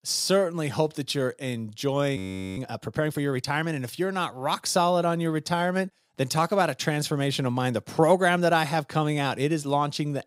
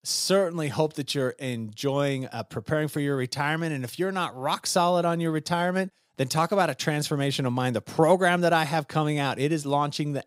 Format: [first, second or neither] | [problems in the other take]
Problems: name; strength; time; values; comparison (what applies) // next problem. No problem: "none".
second | audio freezing; at 2 s